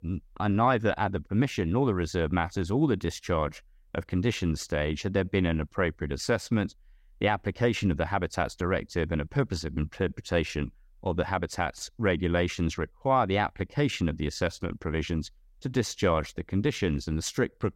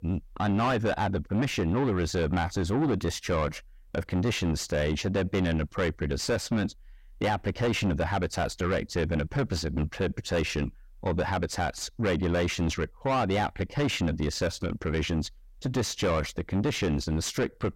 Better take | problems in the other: first | distortion; heavy; 6 dB below the speech

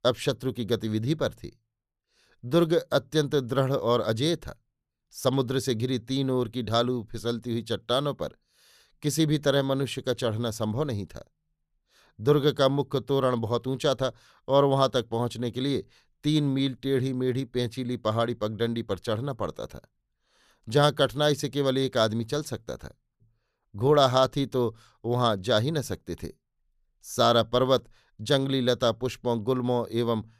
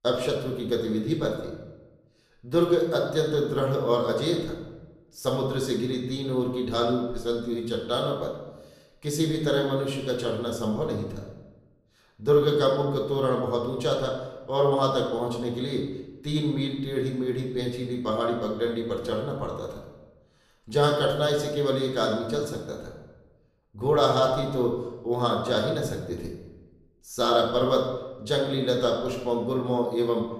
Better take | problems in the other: first | room echo; noticeable; dies away in 0.9 s // off-mic speech; somewhat distant

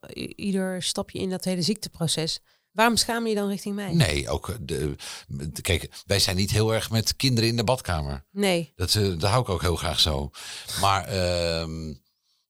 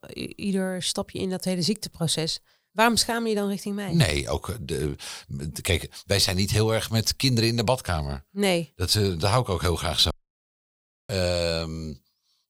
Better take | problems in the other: first | audio cutting out; at 10 s for 1 s

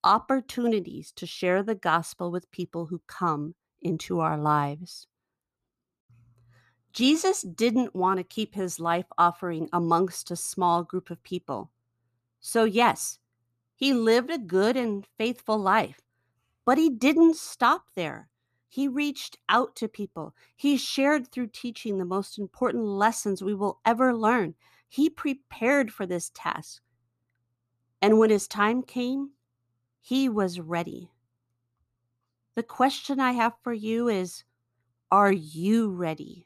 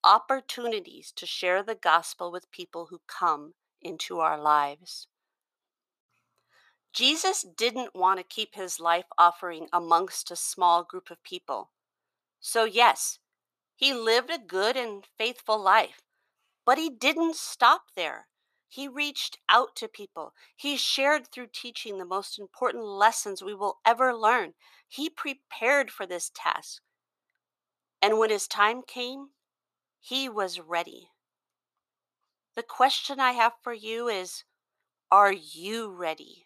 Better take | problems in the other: first | thin; very; fading below 650 Hz

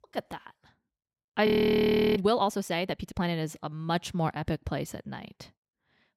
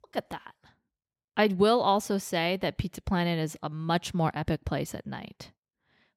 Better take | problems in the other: second | audio freezing; at 1.5 s for 0.5 s

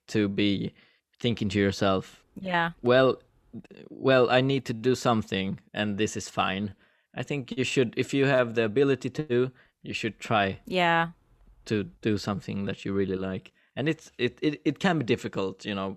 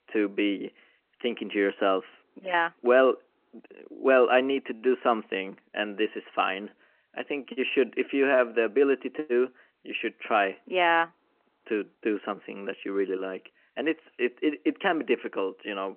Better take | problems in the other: first | phone-call audio; nothing above 3 kHz

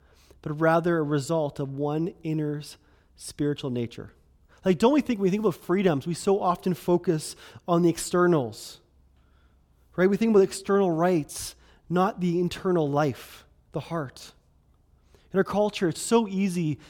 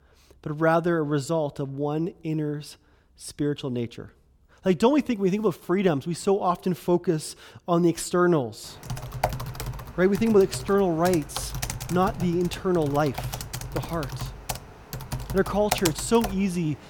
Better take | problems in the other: first | keyboard typing; noticeable; from 9 to 16 s; peak 2 dB below the speech

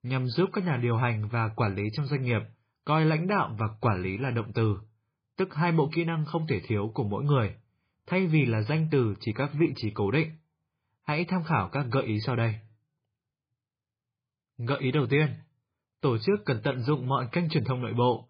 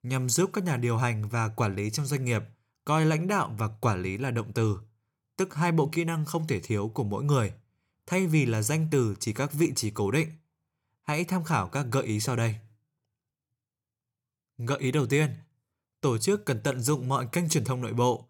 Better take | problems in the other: second | garbled, watery; badly; nothing above 5 kHz

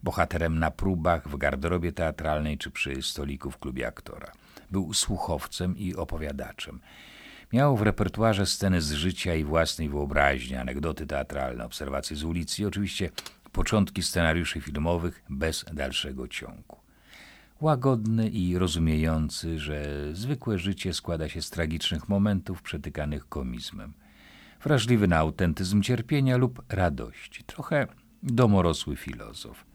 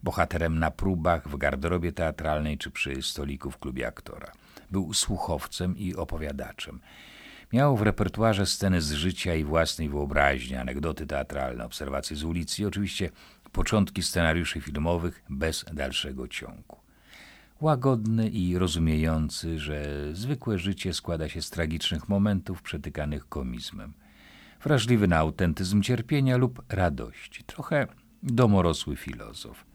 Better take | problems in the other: second | keyboard typing; faint; at 13 s; peak 10 dB below the speech

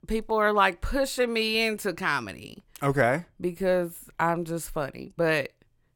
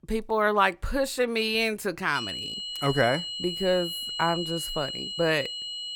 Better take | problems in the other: first | high-pitched whine; loud; from 2 s on; 3 kHz, 5 dB below the speech

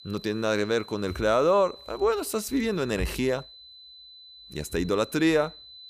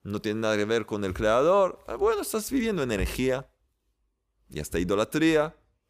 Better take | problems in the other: second | high-pitched whine; noticeable; throughout; 4 kHz, 20 dB below the speech

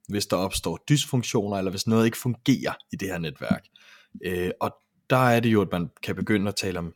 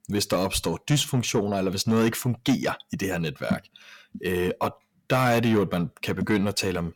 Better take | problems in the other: first | distortion; slight; 10 dB below the speech

